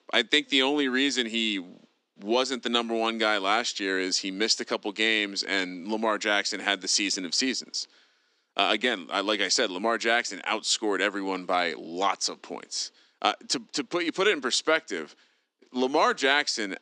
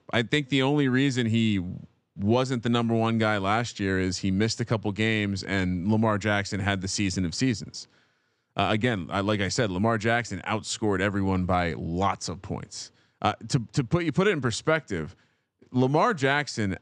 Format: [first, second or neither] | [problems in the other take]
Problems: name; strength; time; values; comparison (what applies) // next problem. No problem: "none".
second | thin; somewhat; fading below 250 Hz